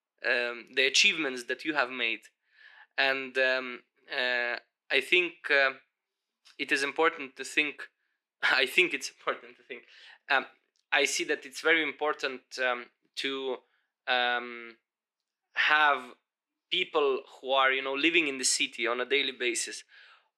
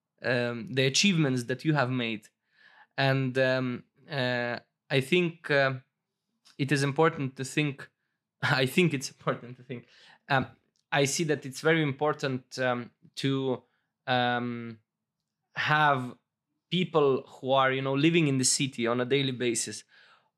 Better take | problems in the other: second | thin; very; fading below 350 Hz

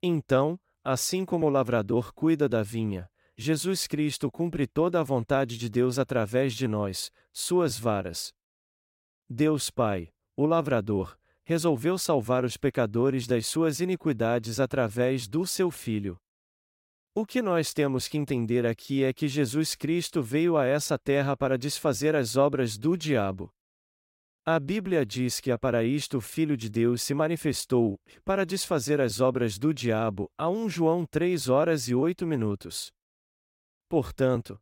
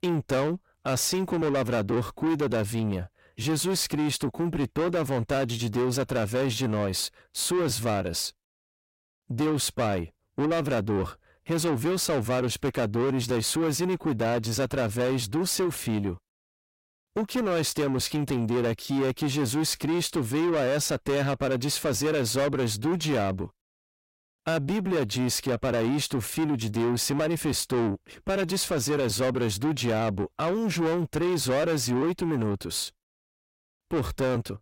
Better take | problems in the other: first | distortion; heavy; 7 dB below the speech

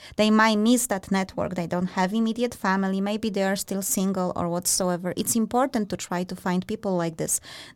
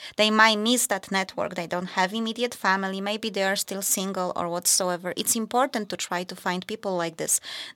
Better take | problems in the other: first | thin; very slightly; fading below 950 Hz

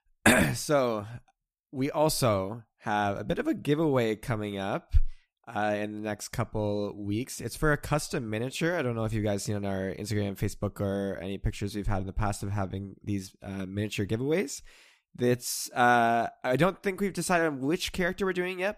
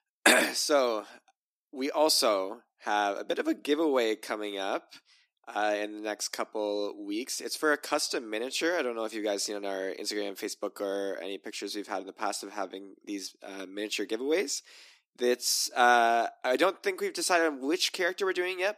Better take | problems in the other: first | thin; somewhat; fading below 300 Hz

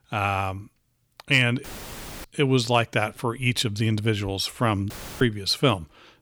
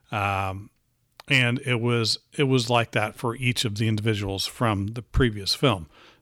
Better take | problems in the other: second | audio cutting out; filled with static; at 1.5 s for 0.5 s and at 5 s

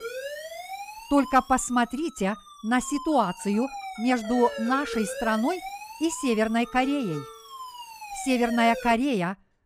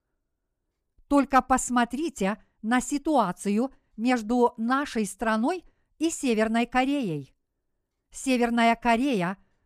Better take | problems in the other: second | siren; noticeable; until 9 s; peak 8 dB below the speech

